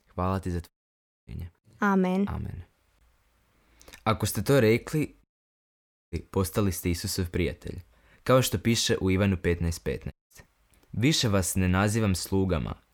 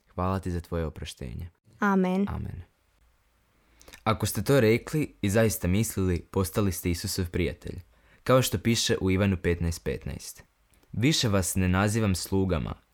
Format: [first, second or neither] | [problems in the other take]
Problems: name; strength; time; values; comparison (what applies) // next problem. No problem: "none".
second | audio cutting out; at 0.5 s for 0.5 s, at 5 s for 1 s and at 10 s